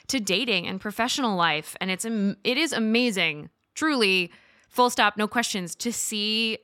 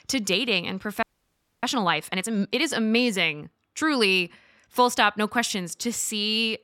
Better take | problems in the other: first | audio freezing; at 1 s for 0.5 s

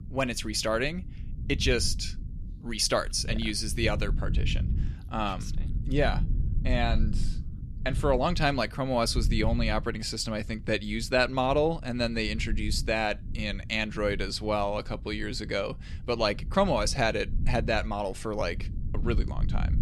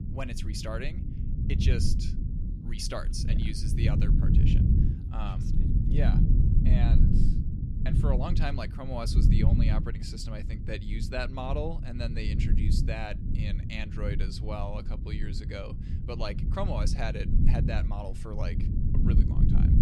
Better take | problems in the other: first | low rumble; loud; throughout; 3 dB below the speech; faint in the first

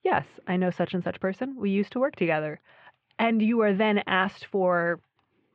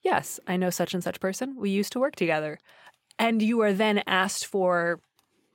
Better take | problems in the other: second | muffled; very; fading above 3 kHz

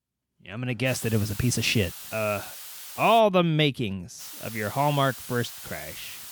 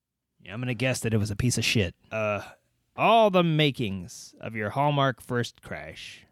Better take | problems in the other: second | hiss; noticeable; from 1 to 3 s and from 4 s on; 15 dB below the speech

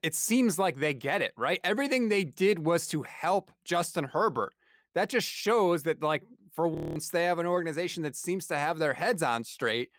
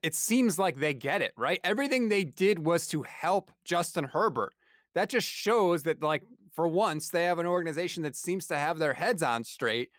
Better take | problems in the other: second | audio freezing; at 7 s

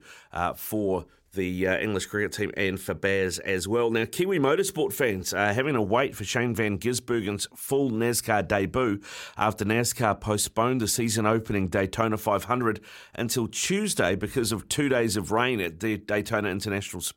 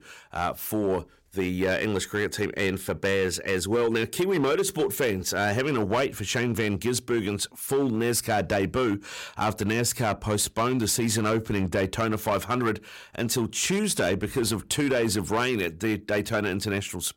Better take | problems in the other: first | distortion; slight; 8% of the sound clipped

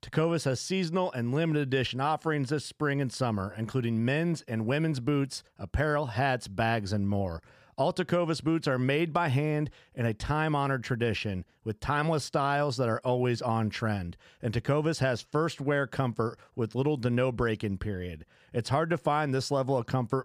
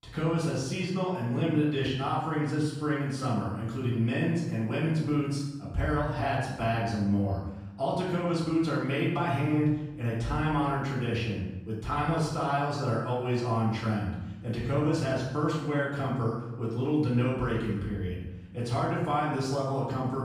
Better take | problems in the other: first | off-mic speech; far // room echo; noticeable; dies away in 0.9 s

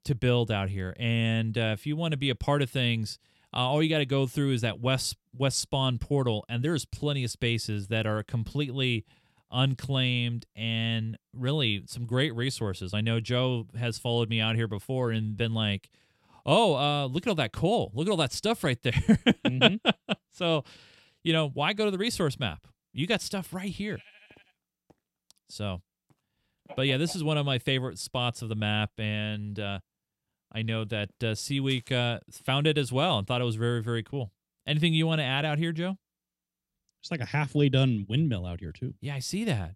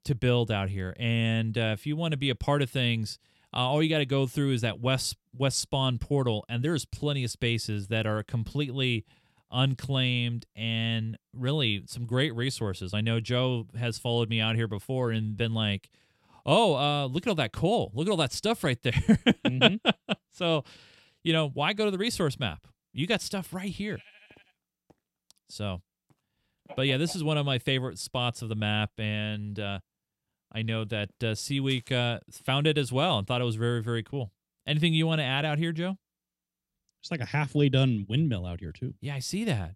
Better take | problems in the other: neither | none

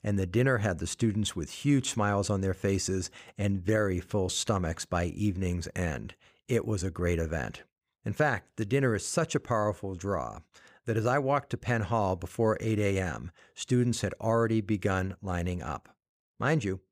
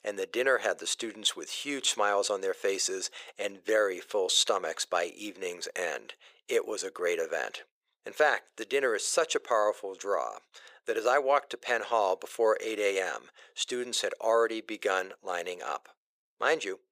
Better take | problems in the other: first | thin; very; fading below 450 Hz

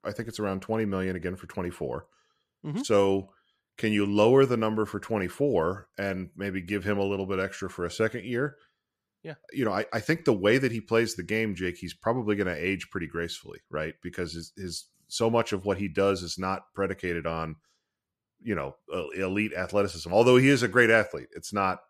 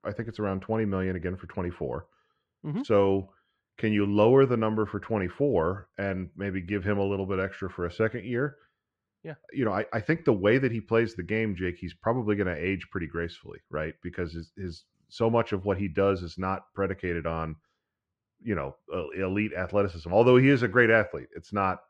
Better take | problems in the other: first | muffled; slightly; fading above 2.5 kHz

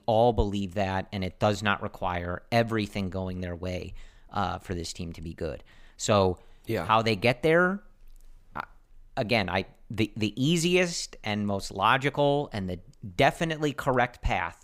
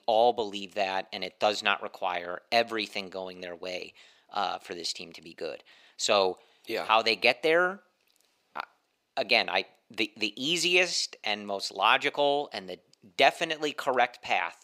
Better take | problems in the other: first | thin; somewhat; fading below 400 Hz

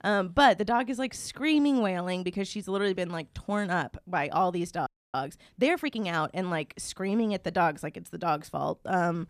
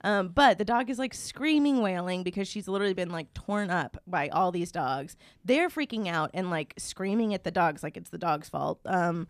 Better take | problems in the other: second | audio freezing; at 5 s

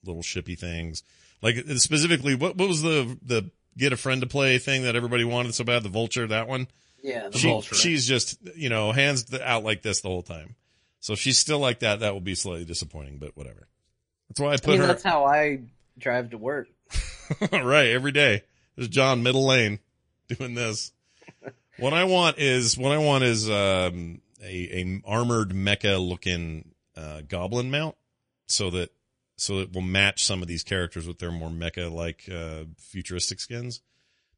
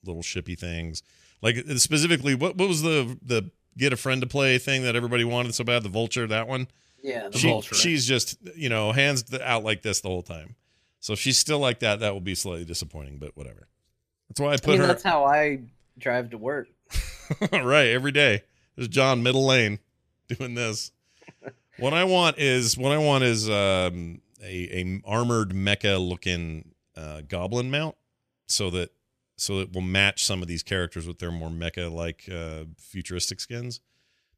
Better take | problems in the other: second | garbled, watery; slightly; nothing above 10 kHz

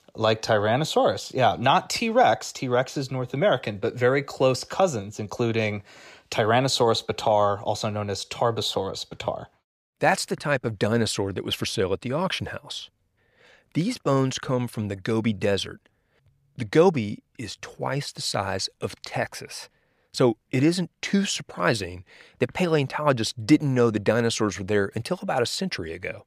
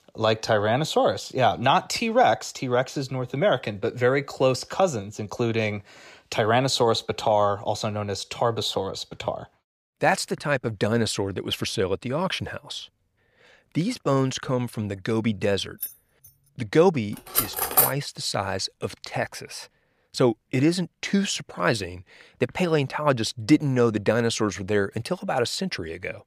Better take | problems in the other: first | jangling keys; noticeable; at 16 s; peak 10 dB below the speech // clattering dishes; loud; at 17 s; peak 5 dB above the speech

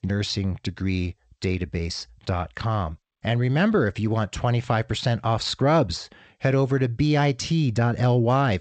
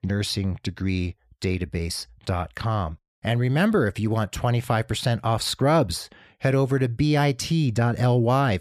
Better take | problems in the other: second | garbled, watery; slightly; nothing above 8 kHz

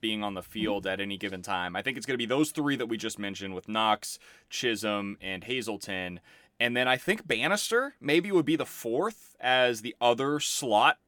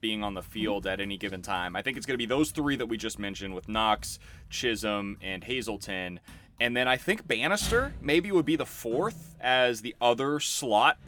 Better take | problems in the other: first | household noises; noticeable; throughout; 20 dB below the speech

